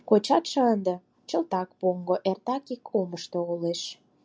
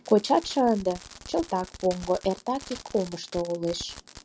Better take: first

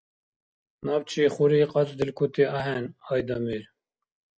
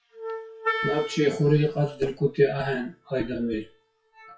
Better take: first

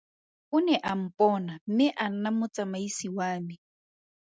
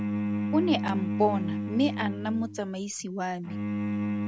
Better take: first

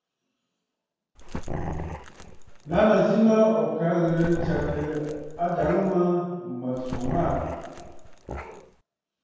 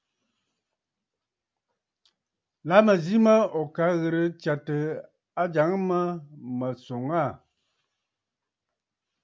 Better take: second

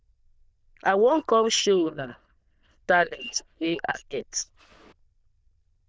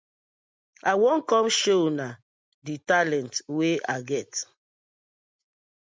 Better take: second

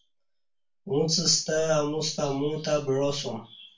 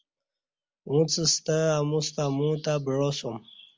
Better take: second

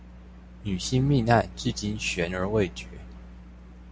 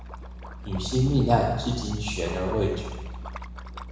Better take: first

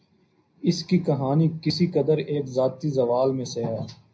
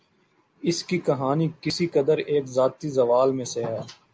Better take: second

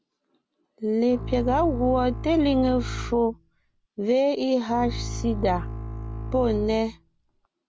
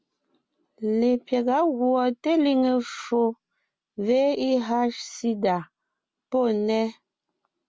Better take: second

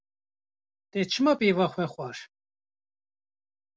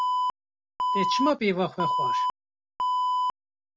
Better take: first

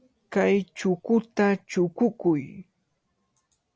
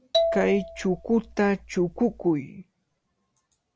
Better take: first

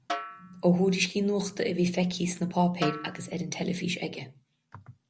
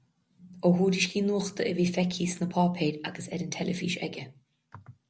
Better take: second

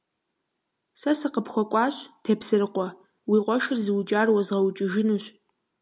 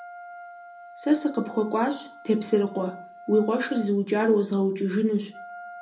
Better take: first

